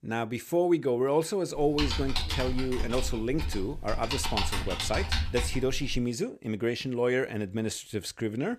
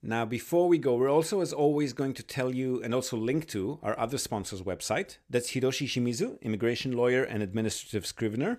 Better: second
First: keyboard typing; loud; from 1.5 to 6 s; peak level with the speech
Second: none

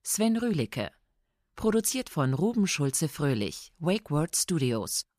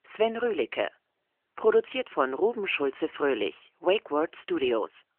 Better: first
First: none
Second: phone-call audio; nothing above 3 kHz

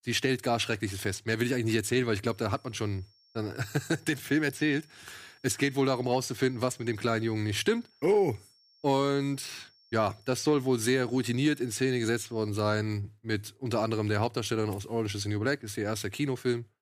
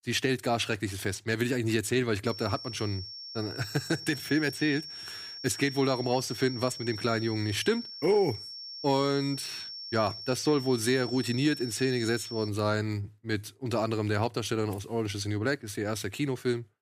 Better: first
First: high-pitched whine; faint; from 2.5 to 12 s; 5.5 kHz, 30 dB below the speech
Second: high-pitched whine; loud; from 2.5 to 12 s; 5.5 kHz, 9 dB below the speech

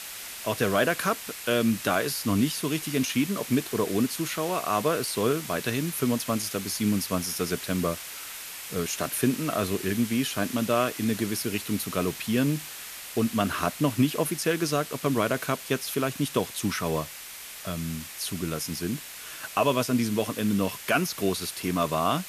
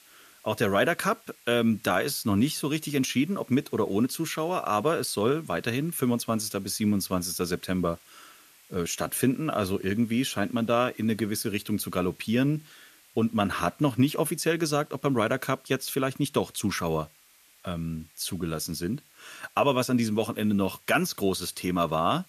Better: second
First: hiss; loud; throughout; 9 dB below the speech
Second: hiss; faint; throughout; 25 dB below the speech

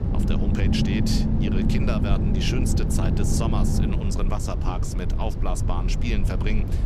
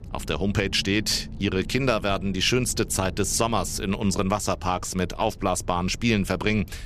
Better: second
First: low rumble; loud; throughout; 1 dB below the speech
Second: low rumble; faint; throughout; 25 dB below the speech

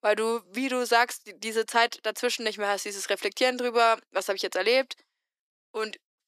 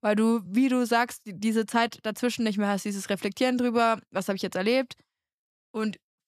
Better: second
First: thin; somewhat; fading below 350 Hz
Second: none

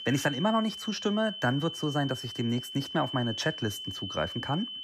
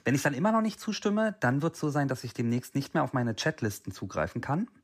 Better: second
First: high-pitched whine; loud; throughout; 3 kHz, 7 dB below the speech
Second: none

